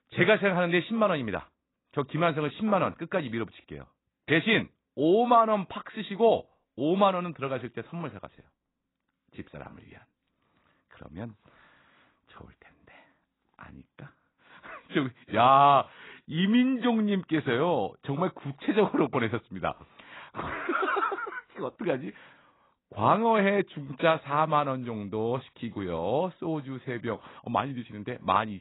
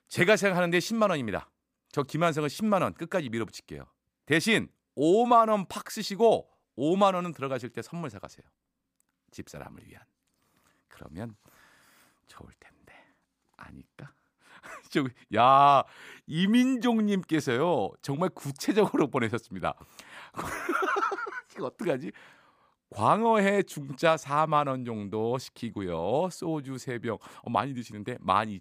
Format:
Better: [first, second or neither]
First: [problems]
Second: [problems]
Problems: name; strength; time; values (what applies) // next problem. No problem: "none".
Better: second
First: garbled, watery; badly; nothing above 4 kHz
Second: none